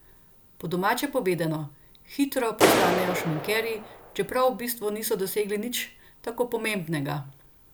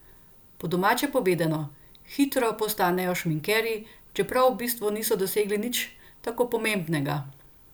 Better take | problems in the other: second | background sound (Clapping); 1 dB below the speech

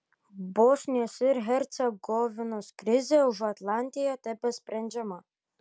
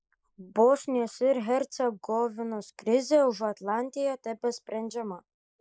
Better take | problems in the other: first | noise reduction (neural mask model Resemble Enhance denoiser)

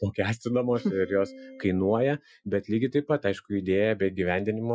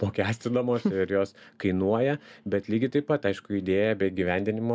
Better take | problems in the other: second | noise reduction (classical method Wiener filter)

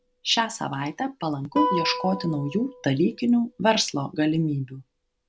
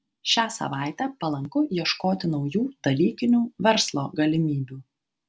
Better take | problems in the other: second | background sound (Guitar); 9 dB below the speech

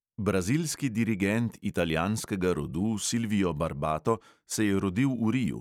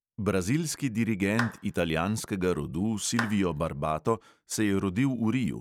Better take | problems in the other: first | background sound (Clapping); 12 dB below the speech

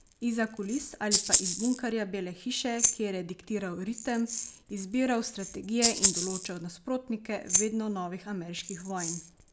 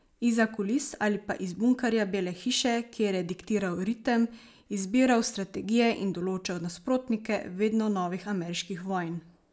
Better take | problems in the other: second | background sound (Rattle (instrument)); 1 dB below the speech

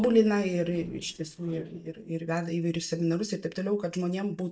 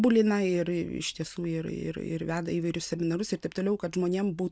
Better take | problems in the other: second | noise reduction (neural mask model DeepFilterNet 3)

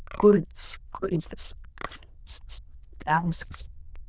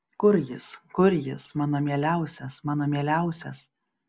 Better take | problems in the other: second | noise reduction (neural diffusion model UNIVERSE++)

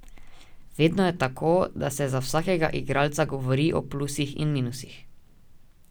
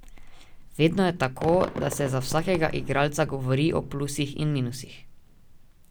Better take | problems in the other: first | background sound (Fireworks); 16 dB below the speech

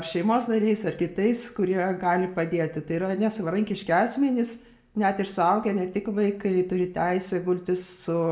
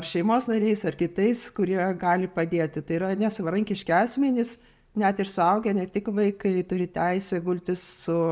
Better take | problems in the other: second | room echo; dies away in 0.5 s

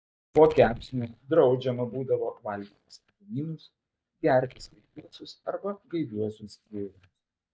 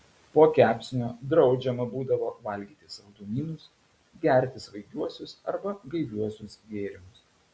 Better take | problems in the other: second | noise reduction (neural mask model DeepFilterNet 3)

